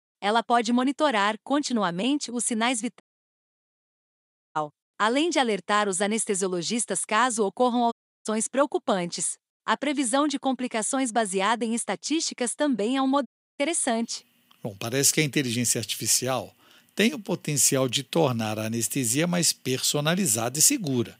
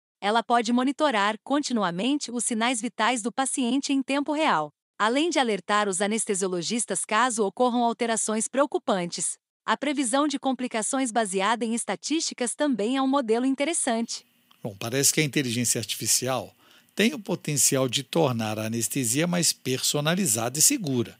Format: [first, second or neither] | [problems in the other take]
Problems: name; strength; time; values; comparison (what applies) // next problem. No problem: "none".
second | audio cutting out; at 3 s for 1.5 s, at 8 s and at 13 s